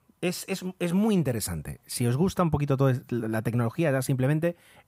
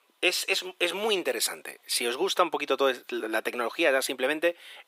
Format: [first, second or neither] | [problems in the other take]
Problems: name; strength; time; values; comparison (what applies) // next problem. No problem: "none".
first | thin; very; fading below 350 Hz